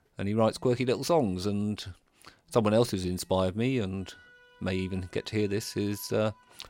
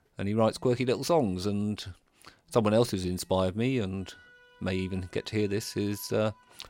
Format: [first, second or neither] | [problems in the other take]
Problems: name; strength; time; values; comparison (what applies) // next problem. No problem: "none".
neither | alarms or sirens; faint; throughout; 30 dB below the speech; the same in both